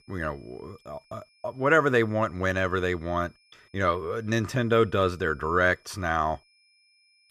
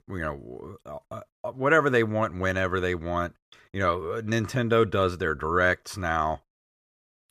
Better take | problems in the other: second | high-pitched whine; faint; throughout; 2.5 kHz, 35 dB below the speech

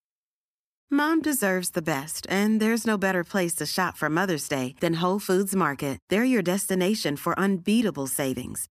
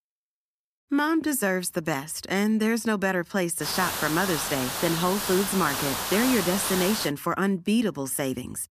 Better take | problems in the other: first | hiss; loud; from 3.5 to 7 s; 3 dB below the speech

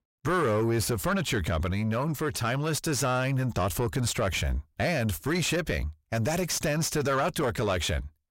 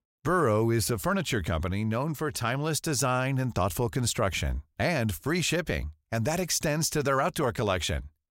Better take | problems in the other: second | distortion; slight; 10 dB below the speech

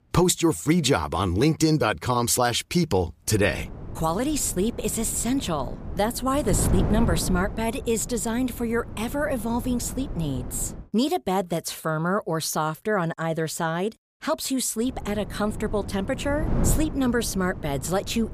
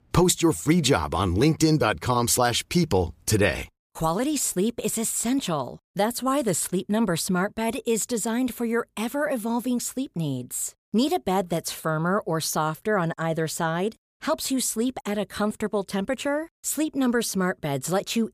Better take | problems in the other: second | wind noise on the microphone; occasional gusts; from 3.5 to 11 s and from 15 s on; 15 dB below the speech

